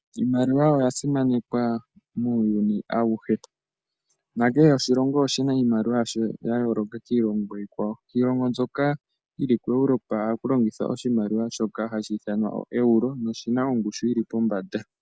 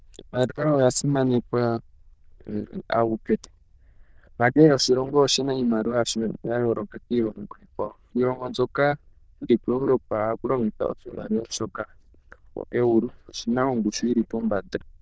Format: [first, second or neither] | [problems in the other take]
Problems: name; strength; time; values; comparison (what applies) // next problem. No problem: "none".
first | noise reduction (neural diffusion model UNIVERSE++)